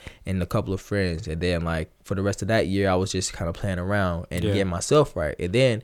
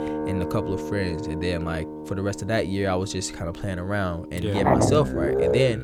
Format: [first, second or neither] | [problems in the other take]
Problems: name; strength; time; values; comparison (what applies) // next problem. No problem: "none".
first | background music; very loud; throughout; as loud as the speech